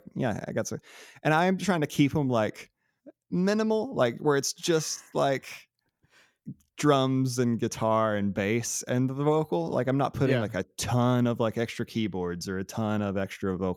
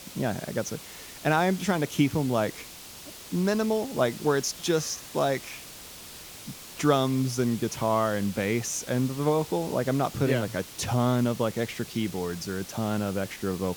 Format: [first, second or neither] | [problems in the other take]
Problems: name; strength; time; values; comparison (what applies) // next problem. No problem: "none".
first | hiss; noticeable; throughout; 15 dB below the speech